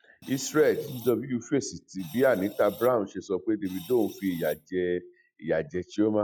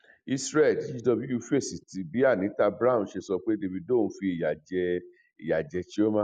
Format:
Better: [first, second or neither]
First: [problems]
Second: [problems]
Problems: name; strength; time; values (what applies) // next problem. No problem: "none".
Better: second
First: noise reduction (classical method log-MMSE)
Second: none